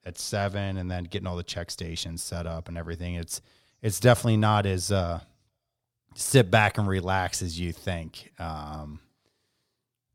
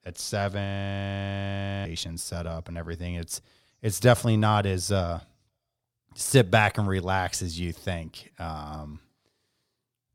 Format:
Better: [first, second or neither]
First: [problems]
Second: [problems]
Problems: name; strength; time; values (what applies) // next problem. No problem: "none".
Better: first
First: none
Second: audio freezing; at 0.5 s for 1 s